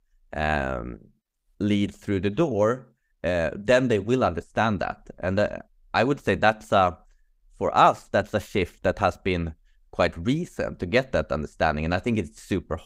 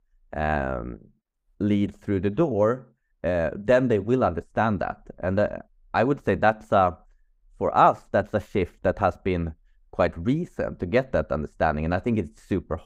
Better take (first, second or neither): first